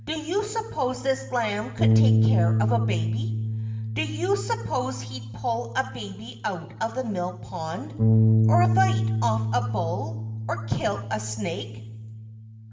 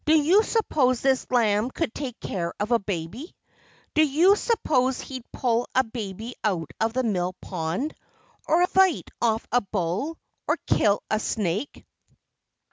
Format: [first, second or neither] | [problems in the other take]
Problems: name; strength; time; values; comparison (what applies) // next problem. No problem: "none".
second | background sound (Bass guitar); 4 dB above the speech // room echo; dies away in 0.8 s